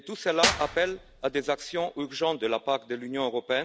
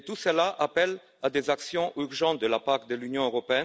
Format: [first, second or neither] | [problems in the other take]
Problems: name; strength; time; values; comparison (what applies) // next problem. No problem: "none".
second | background sound (Clapping / Drum kit); 5 dB below the speech